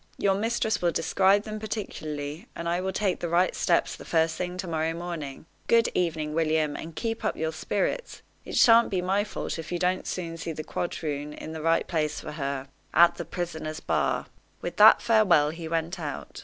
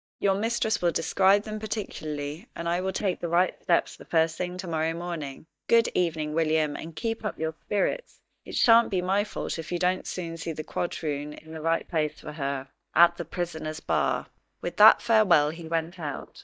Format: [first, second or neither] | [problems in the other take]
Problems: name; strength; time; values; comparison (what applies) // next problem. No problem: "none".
first | noise reduction (neural mask model DeepFilterNet 3)